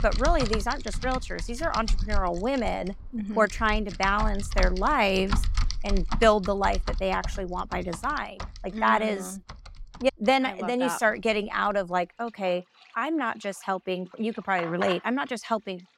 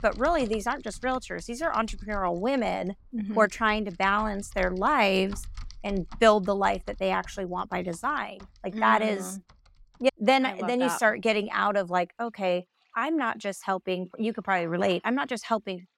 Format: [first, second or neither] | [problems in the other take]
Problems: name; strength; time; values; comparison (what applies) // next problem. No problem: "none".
second | household noises; loud; throughout; 7 dB below the speech; faint in the second